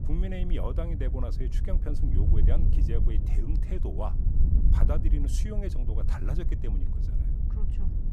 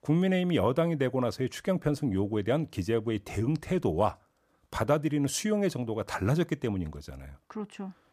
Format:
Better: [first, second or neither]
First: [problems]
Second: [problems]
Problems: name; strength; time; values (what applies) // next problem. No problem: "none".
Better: second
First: wind noise on the microphone; heavy; 5 dB below the speech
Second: none